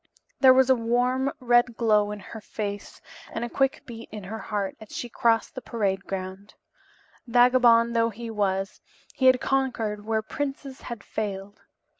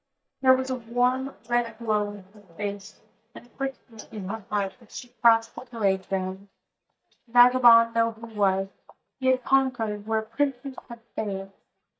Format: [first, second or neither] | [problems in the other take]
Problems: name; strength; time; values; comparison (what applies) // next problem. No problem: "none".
first | noise reduction (neural mask model DeepFilterNet 3)